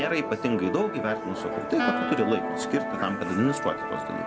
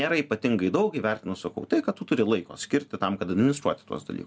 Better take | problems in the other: second | background sound (Musical instrument + Wind instrument, woodwind instrument); 3 dB below the speech

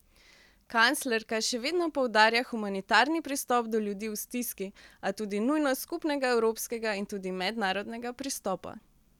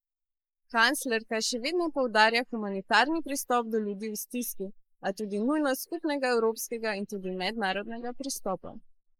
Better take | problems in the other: first | noise reduction (neural mask model Resemble Enhance denoiser)

